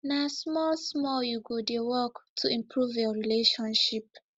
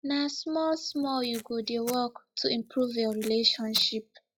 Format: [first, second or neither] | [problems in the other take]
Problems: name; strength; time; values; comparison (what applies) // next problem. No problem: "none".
first | noise reduction (classical method log-MMSE)